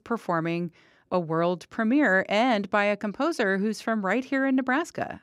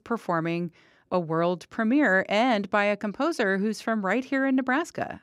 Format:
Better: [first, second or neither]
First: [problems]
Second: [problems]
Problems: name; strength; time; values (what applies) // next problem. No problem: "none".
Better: neither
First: none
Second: none